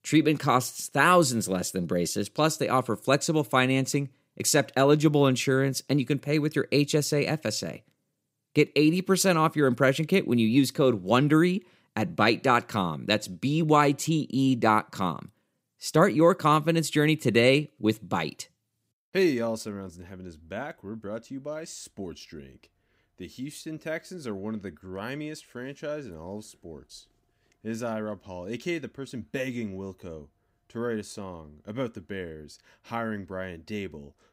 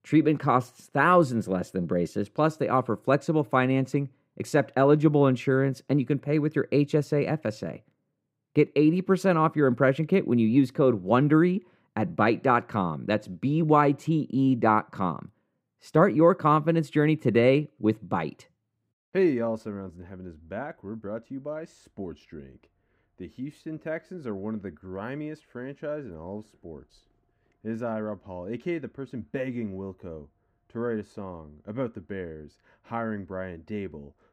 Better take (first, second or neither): first